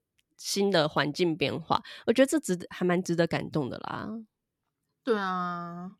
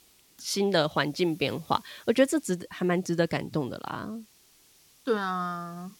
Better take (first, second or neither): first